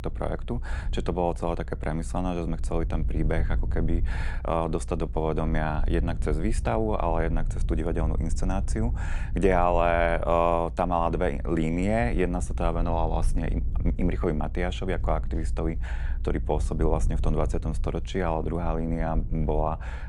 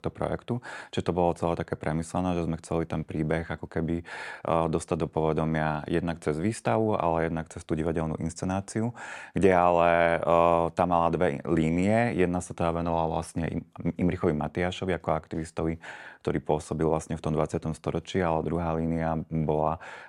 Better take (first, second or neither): second